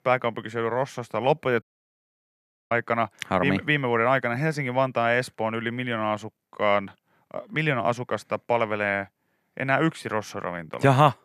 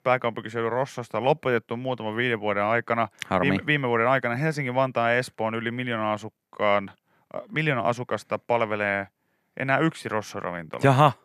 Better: second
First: audio cutting out; at 1.5 s for 1 s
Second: none

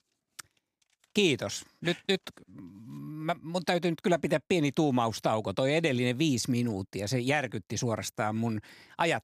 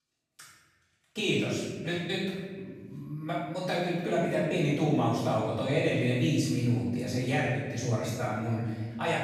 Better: first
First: none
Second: room echo; strong; dies away in 1.7 s // off-mic speech; far

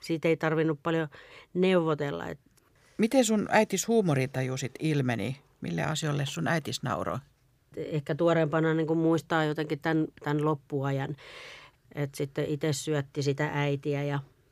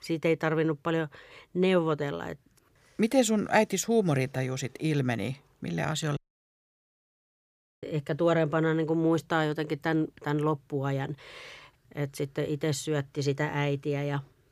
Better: first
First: none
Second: audio cutting out; at 6 s for 1.5 s

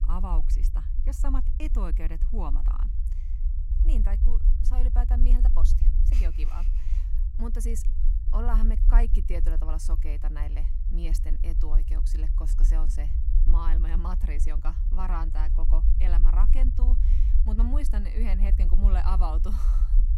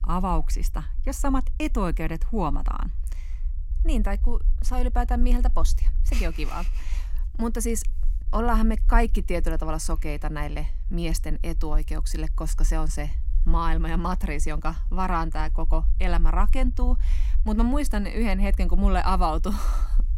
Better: second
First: low rumble; loud; throughout; 8 dB below the speech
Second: low rumble; faint; throughout; 25 dB below the speech

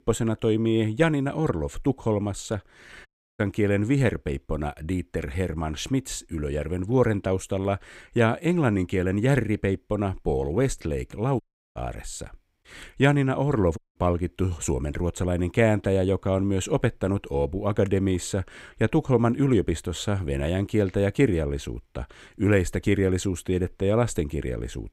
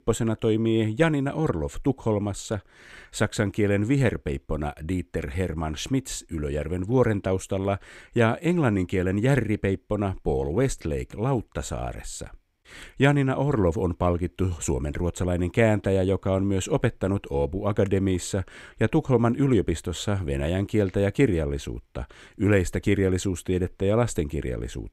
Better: second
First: audio cutting out; at 3 s, at 11 s and at 14 s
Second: none

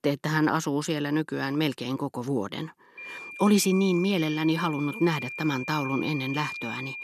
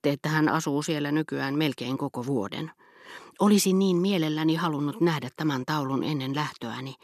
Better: second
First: high-pitched whine; loud; from 3 s on; 2.5 kHz, 9 dB below the speech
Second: none

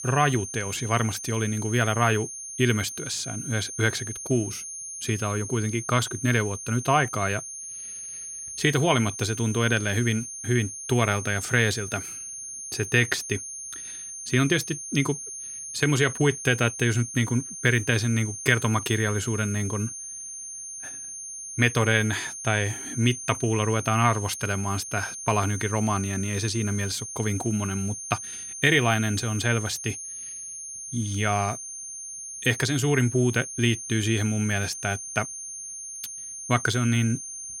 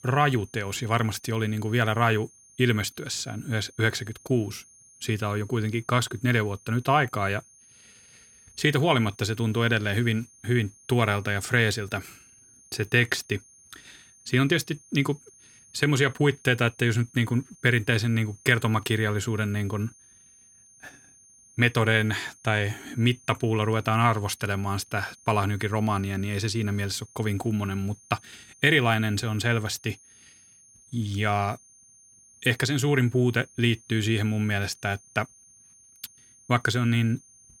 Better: second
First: high-pitched whine; loud; throughout; 6.5 kHz, 8 dB below the speech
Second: high-pitched whine; faint; throughout; 6.5 kHz, 25 dB below the speech

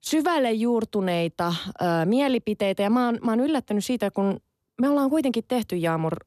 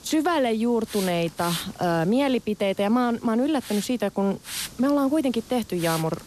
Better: first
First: none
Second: hiss; noticeable; throughout; 10 dB below the speech

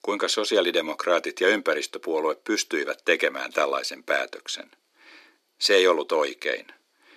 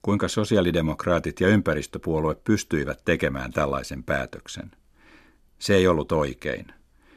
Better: second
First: thin; very; fading below 350 Hz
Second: none

